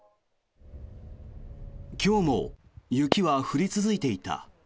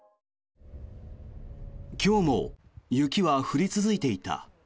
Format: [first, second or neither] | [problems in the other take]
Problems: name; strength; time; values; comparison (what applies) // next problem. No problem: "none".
second | background sound (Fireworks); 12 dB below the speech